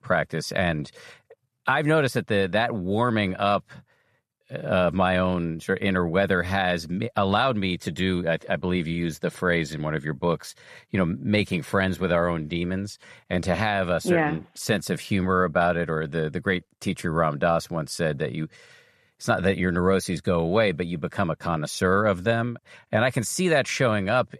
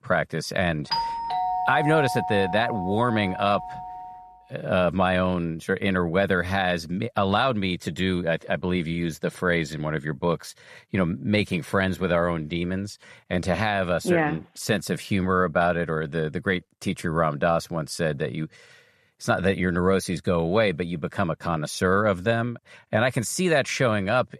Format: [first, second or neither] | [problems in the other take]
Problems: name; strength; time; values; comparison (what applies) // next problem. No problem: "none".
first | doorbell; noticeable; from 1 to 4 s; peak 1 dB below the speech